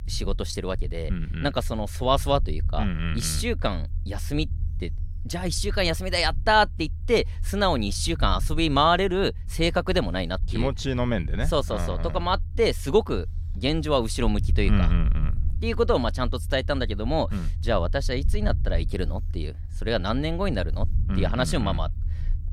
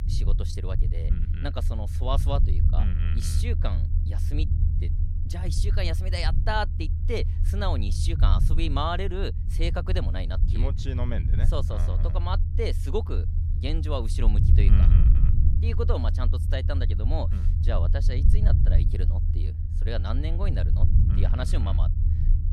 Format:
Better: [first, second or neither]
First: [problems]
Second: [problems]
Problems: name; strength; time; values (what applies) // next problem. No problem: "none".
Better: first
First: low rumble; faint; throughout; 25 dB below the speech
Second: low rumble; loud; throughout; 8 dB below the speech